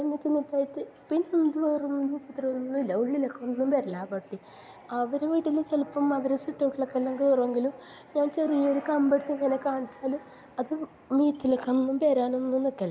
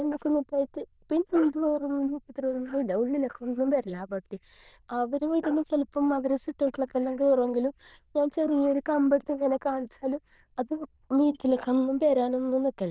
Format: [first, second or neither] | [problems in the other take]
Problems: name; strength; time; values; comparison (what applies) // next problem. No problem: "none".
first | noise reduction (neural diffusion model UNIVERSE++)